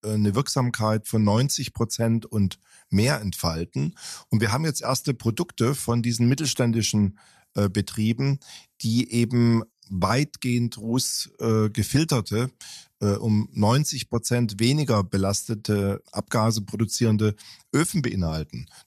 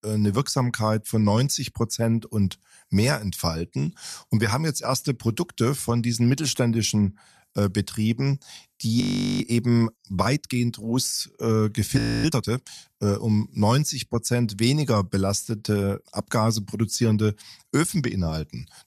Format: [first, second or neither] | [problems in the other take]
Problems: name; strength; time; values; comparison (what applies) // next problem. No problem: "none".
first | audio freezing; at 9 s and at 12 s